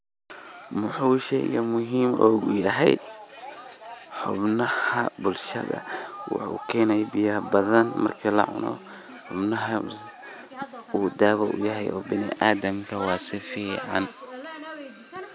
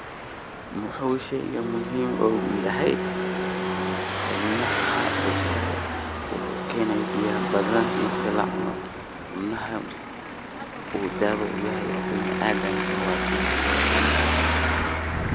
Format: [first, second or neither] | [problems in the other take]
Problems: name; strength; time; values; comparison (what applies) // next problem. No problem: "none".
first | background sound (Traffic noise, roadway noise + Bowed string instrument); 2 dB above the speech